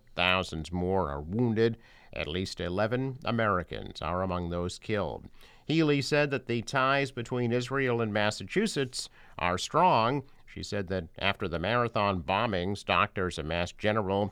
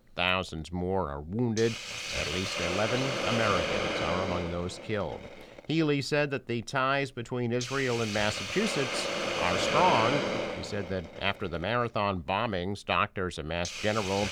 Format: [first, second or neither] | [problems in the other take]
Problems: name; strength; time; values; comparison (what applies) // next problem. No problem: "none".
first | hiss; loud; throughout; 1 dB below the speech